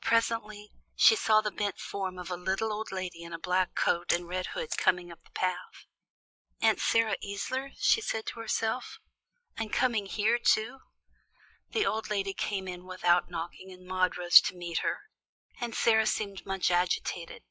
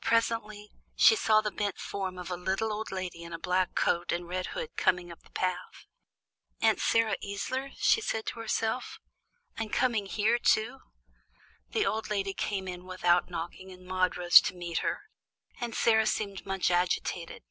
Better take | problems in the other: second | noise reduction (classical method log-MMSE)

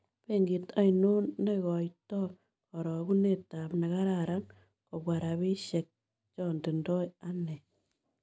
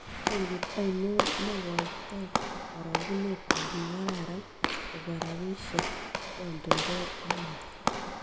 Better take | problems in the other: first | background sound (Walk, footsteps / Slam); 2 dB above the speech

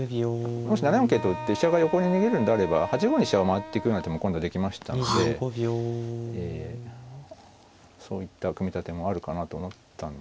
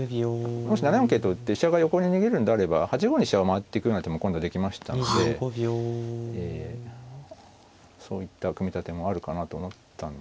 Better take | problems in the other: second | background sound (Wind instrument, woodwind instrument); 10 dB below the speech

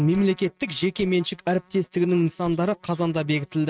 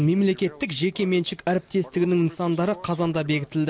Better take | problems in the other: second | noise reduction (neural mask model RNNoise)

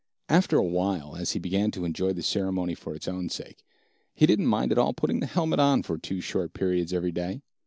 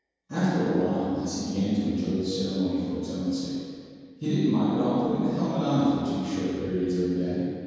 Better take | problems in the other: first | room echo; dies away in 2.1 s

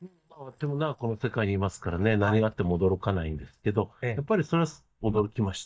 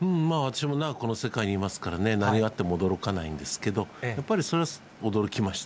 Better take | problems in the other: second | noise reduction (neural mask model DeepFilterNet 3)

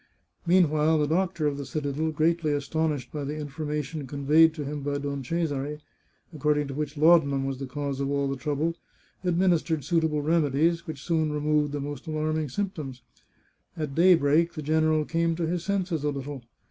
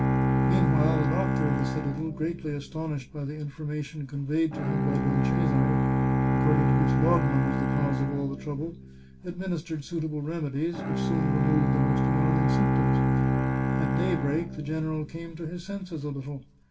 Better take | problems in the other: first | background sound (Bowed string instrument); 4 dB above the speech // room echo; dies away in 0.2 s

